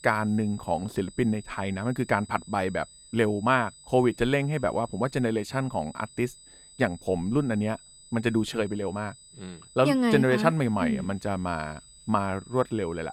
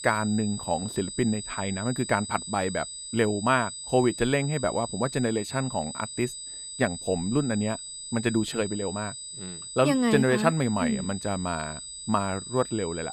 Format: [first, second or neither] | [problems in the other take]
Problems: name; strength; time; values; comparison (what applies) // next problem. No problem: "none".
first | high-pitched whine; loud; throughout; 8 kHz, 9 dB below the speech; faint in the first